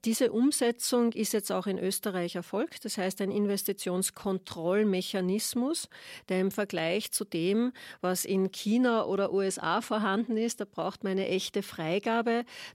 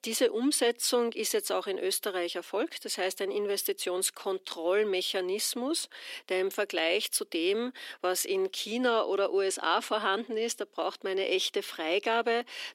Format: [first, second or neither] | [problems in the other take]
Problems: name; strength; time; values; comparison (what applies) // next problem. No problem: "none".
first | thin; somewhat; fading below 300 Hz